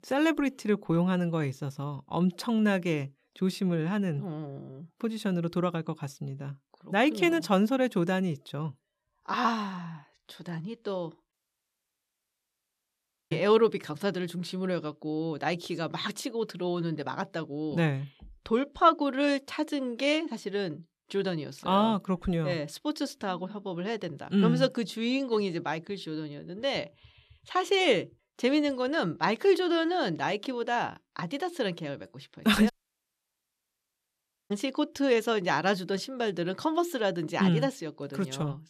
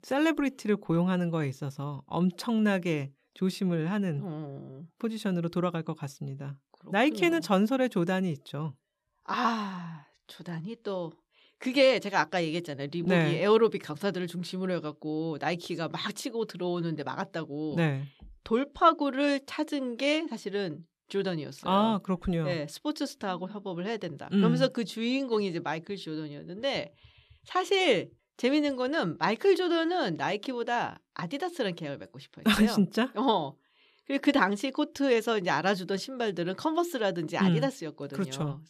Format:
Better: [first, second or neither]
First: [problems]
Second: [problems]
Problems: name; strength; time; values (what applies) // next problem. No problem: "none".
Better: second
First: audio cutting out; at 11 s for 2 s and at 33 s for 2 s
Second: none